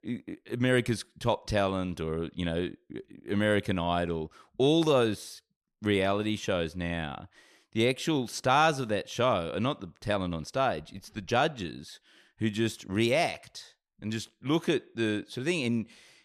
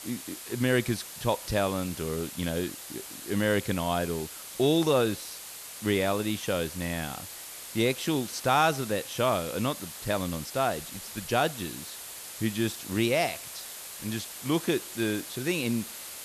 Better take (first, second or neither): first